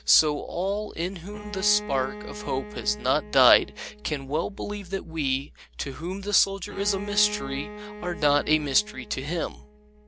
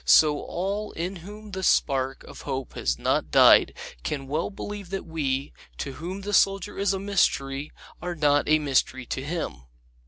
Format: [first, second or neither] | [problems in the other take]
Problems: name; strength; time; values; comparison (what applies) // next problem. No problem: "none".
second | background sound (Bowed string instrument); 15 dB below the speech